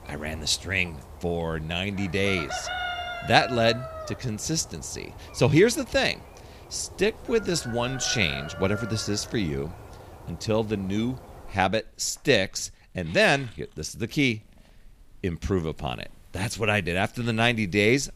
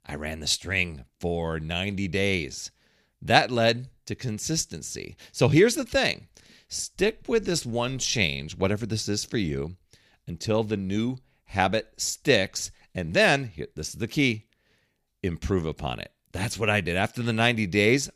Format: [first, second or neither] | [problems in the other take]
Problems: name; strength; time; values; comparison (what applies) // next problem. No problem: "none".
second | animal sounds; noticeable; throughout; 15 dB below the speech